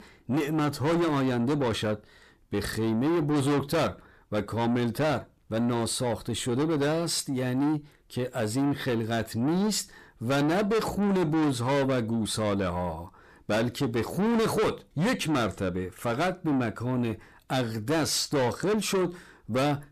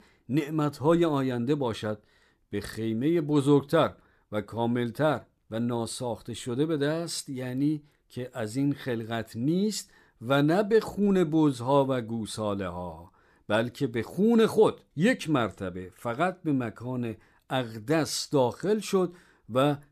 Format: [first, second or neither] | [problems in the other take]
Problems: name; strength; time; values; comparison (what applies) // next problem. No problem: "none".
second | distortion; heavy; 6 dB below the speech